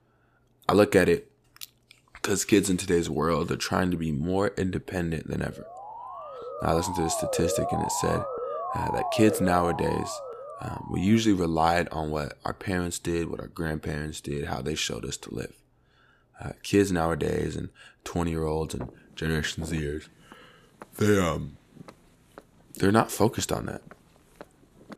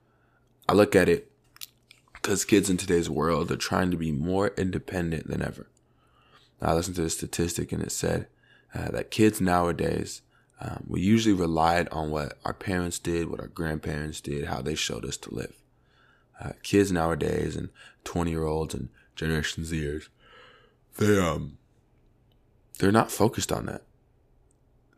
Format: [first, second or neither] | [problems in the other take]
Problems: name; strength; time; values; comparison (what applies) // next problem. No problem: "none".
second | siren; noticeable; from 5.5 to 11 s; peak 2 dB below the speech // footsteps; faint; from 19 s on; peak 15 dB below the speech